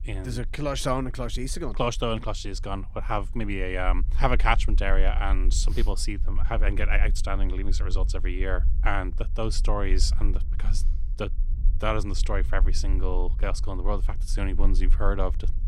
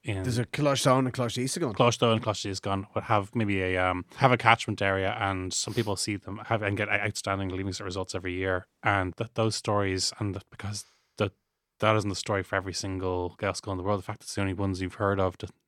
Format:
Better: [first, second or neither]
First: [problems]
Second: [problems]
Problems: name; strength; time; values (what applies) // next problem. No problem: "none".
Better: second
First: low rumble; faint; throughout; 20 dB below the speech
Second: none